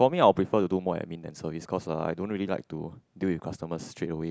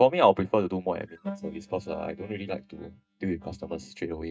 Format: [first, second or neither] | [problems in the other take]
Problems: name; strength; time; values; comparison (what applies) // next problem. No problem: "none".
first | noise reduction (neural mask model DeepFilterNet 3)